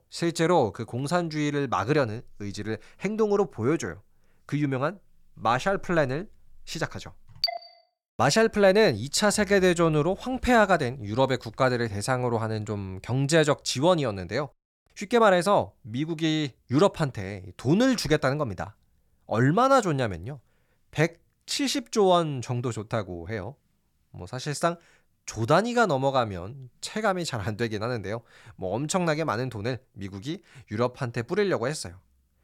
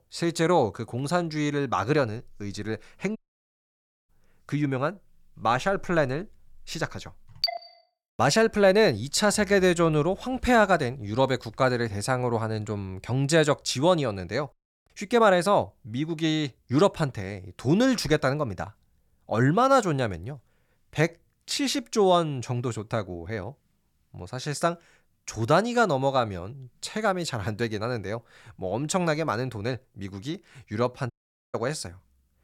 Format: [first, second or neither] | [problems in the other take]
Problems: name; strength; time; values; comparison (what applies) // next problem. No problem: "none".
first | audio cutting out; at 3 s for 1 s and at 31 s